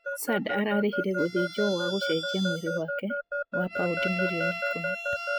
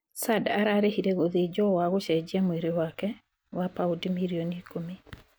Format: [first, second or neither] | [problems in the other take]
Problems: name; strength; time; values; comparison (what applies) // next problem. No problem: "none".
second | noise reduction (classical method spectral subtraction)